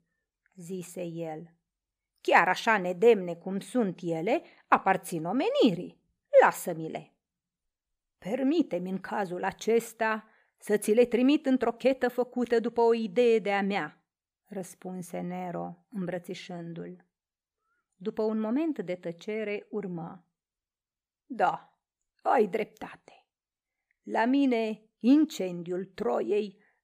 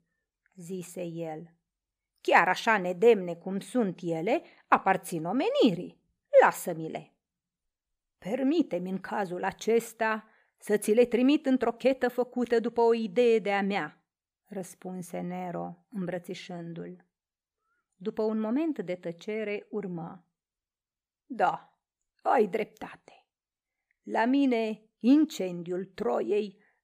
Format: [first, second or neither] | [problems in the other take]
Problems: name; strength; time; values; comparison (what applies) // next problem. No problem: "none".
neither | none